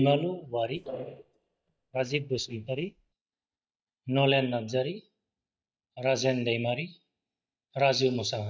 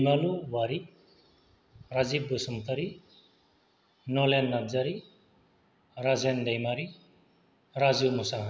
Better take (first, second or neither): second